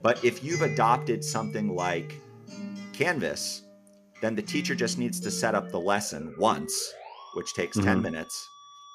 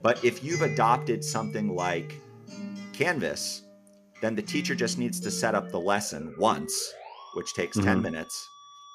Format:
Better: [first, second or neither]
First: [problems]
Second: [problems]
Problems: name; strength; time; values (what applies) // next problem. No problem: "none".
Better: neither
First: background music; loud; throughout; 10 dB below the speech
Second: background music; loud; throughout; 10 dB below the speech